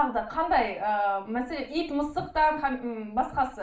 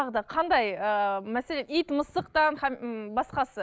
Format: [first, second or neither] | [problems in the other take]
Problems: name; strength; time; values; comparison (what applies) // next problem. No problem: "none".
second | room echo; dies away in 0.4 s